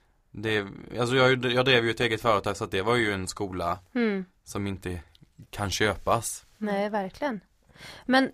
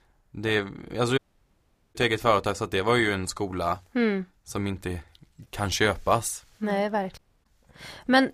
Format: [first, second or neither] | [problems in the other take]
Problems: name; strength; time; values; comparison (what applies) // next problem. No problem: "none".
first | audio cutting out; at 1 s for 1 s and at 7 s